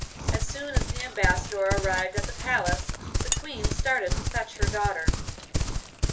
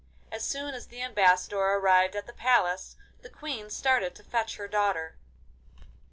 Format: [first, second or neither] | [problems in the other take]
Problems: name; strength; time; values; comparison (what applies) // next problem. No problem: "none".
second | background sound (Livestock, farm animals, working animals); 2 dB above the speech // room echo; dies away in 0.3 s